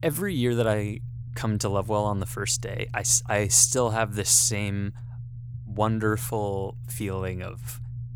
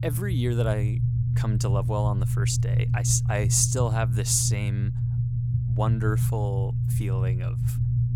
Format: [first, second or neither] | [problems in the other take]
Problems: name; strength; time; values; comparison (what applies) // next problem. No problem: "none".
first | low rumble; loud; throughout; 8 dB below the speech; faint in the first